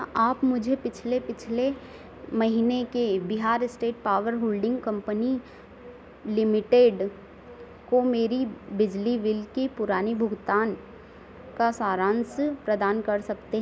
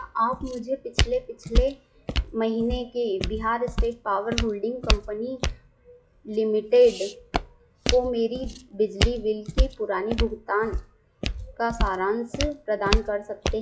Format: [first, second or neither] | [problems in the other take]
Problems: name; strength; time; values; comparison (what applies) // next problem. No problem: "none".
first | noise reduction (classical method WPE with log-MMSE)